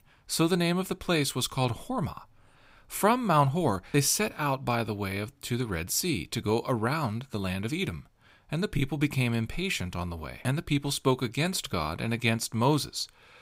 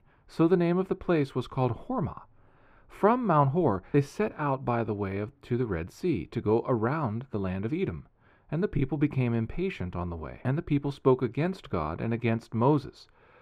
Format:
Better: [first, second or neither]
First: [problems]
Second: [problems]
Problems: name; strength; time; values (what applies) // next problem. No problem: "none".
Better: first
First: none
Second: muffled; very; fading above 3.5 kHz